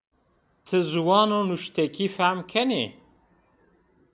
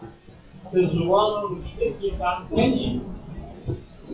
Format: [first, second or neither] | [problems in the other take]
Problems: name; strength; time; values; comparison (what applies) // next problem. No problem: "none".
first | noise reduction (classical method WPE with log-MMSE)